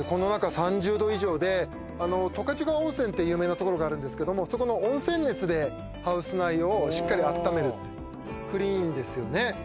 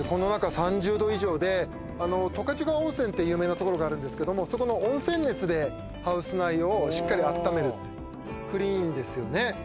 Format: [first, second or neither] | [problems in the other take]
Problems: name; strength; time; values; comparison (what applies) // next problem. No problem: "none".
first | background sound (Boom); 19 dB below the speech